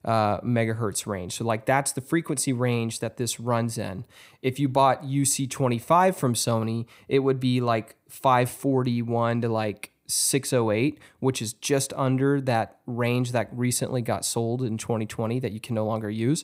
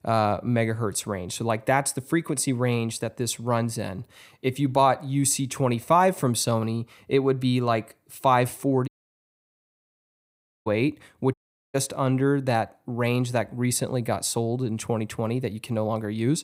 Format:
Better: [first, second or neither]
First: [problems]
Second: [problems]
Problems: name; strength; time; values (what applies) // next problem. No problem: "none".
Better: first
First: none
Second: audio cutting out; at 9 s for 2 s and at 11 s